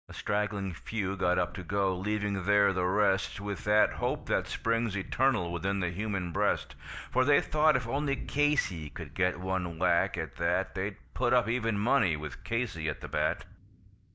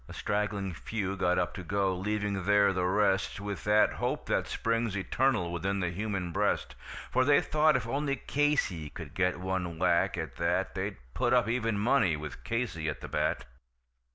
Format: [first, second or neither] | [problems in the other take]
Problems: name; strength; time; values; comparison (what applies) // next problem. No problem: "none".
second | noise reduction (neural mask model DeepFilterNet 3)